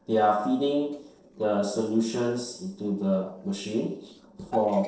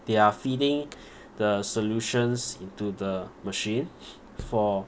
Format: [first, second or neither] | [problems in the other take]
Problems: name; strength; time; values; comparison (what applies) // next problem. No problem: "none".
second | noise reduction (neural separator model SepFormer DNS4)